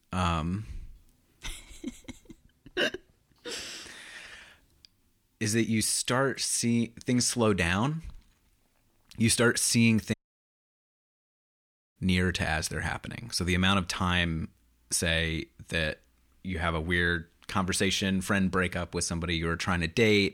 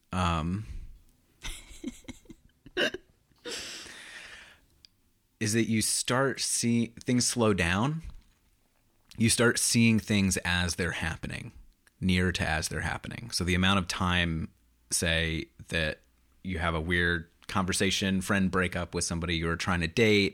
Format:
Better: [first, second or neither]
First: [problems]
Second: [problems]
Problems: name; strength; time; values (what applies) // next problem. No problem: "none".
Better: second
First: audio cutting out; at 10 s for 2 s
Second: none